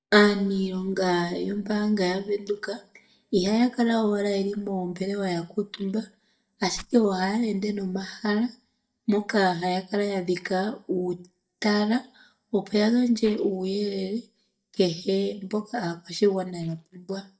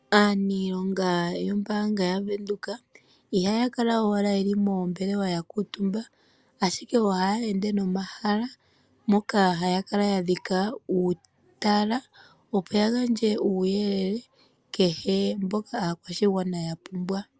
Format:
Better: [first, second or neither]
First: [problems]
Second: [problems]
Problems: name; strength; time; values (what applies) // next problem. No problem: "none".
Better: second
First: noise reduction (neural mask model DeepFilterNet 3)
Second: none